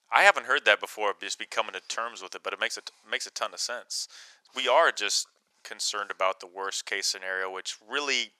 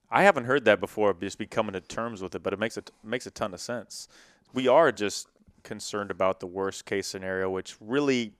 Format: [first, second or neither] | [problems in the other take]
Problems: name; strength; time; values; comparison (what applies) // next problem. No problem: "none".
second | thin; very; fading below 850 Hz